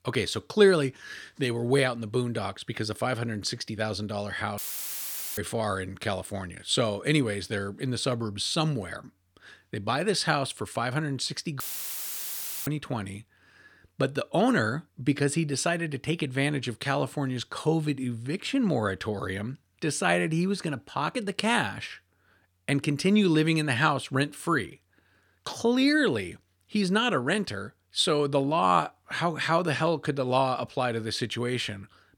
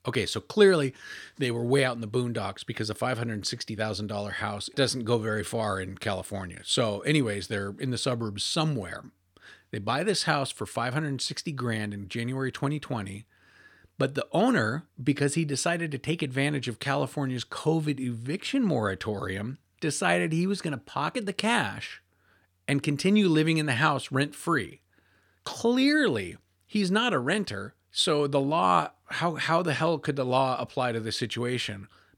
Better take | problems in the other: second | audio cutting out; filled with static; at 4.5 s for 1 s and at 12 s for 1 s

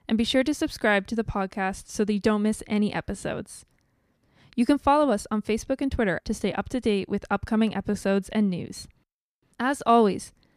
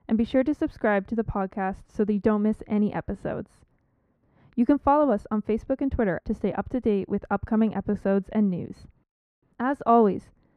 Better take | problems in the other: first | muffled; very; fading above 2.5 kHz

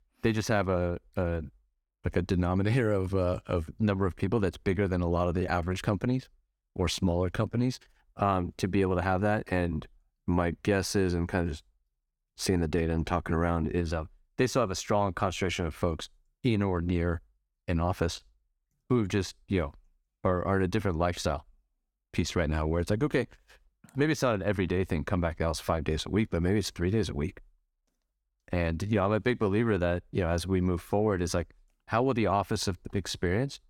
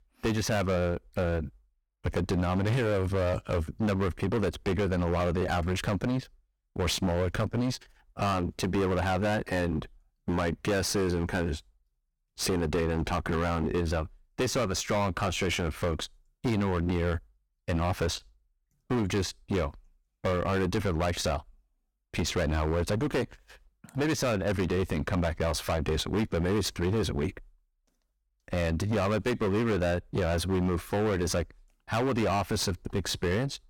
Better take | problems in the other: first | distortion; heavy; 20% of the sound clipped

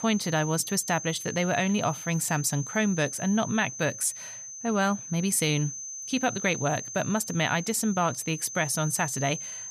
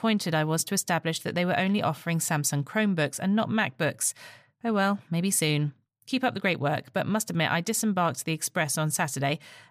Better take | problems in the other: second | high-pitched whine; loud; throughout; 6.5 kHz, 9 dB below the speech

